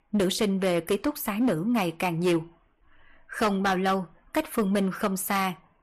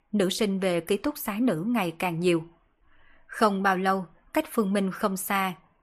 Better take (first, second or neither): second